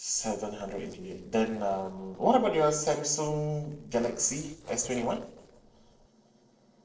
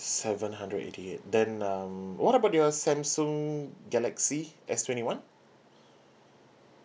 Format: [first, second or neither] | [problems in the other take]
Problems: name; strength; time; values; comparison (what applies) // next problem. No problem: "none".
second | noise reduction (neural separator model SepFormer DNS4)